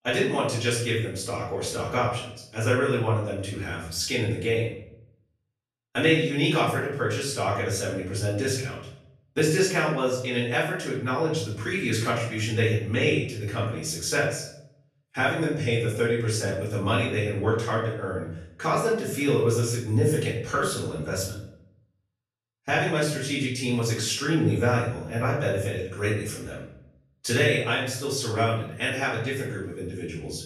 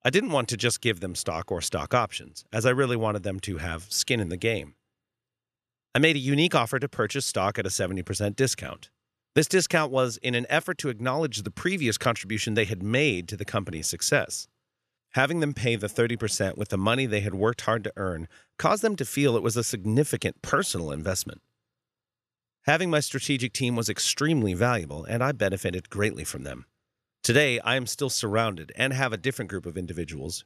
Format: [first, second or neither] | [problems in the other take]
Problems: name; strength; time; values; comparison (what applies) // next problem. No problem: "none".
second | off-mic speech; far // room echo; noticeable; dies away in 0.6 s